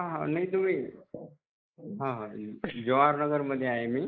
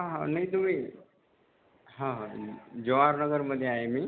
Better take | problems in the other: second | noise reduction (neural mask model Resemble Enhance denoiser)

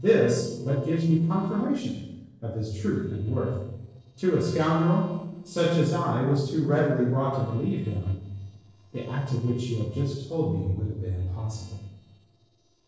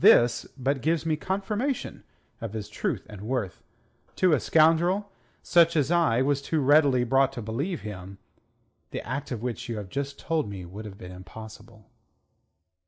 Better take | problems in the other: second | noise reduction (neural separator model SepFormer DNS4)

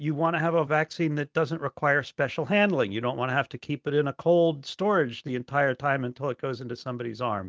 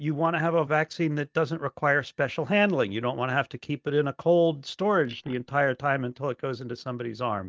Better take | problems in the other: first | noise reduction (neural mask model Resemble Enhance denoiser)

